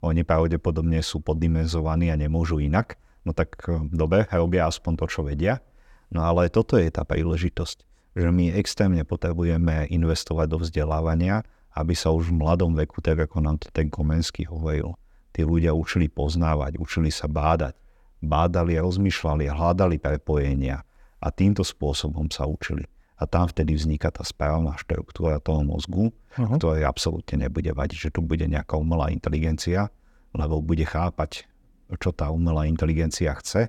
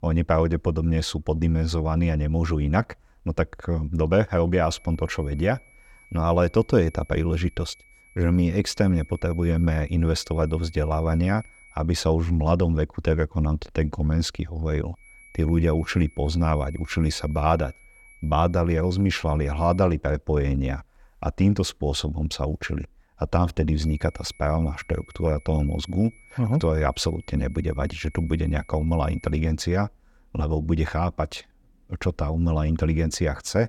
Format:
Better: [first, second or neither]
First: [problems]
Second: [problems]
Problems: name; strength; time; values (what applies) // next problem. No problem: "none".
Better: first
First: none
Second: high-pitched whine; faint; from 4.5 to 12 s, from 15 to 20 s and from 24 to 29 s; 2.5 kHz, 25 dB below the speech